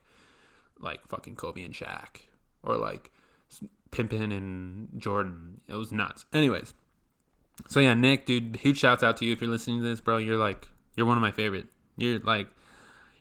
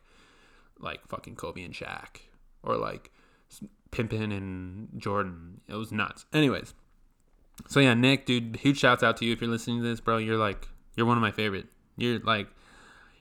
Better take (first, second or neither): second